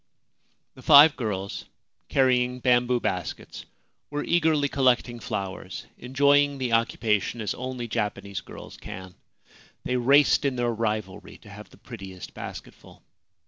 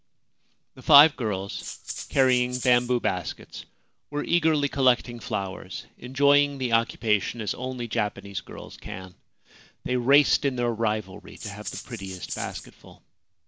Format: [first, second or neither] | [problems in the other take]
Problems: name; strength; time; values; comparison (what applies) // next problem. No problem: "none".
first | background sound (Rattle (instrument)); 11 dB below the speech